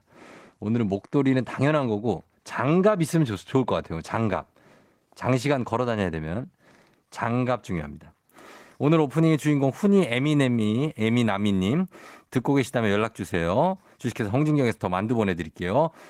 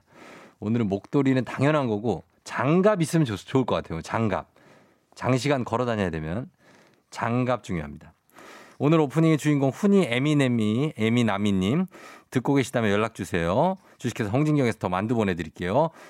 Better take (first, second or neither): second